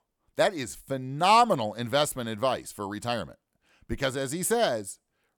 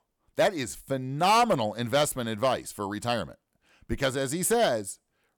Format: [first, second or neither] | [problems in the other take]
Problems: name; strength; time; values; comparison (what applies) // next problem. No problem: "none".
first | distortion; slight; 3% of the sound clipped